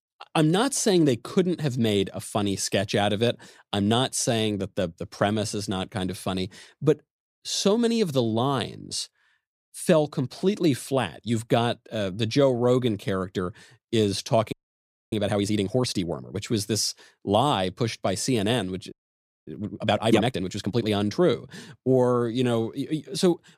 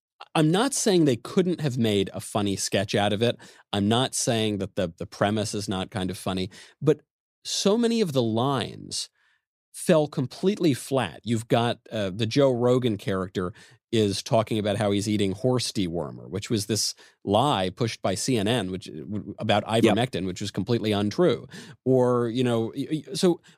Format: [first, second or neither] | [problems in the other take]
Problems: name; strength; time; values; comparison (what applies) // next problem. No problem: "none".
second | audio freezing; at 15 s for 0.5 s and at 19 s for 0.5 s